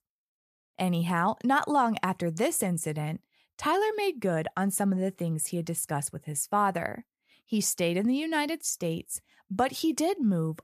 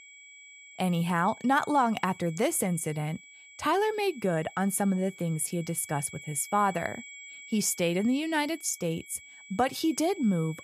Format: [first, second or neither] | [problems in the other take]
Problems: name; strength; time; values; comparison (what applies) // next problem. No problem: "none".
first | high-pitched whine; noticeable; throughout; 2.5 kHz, 20 dB below the speech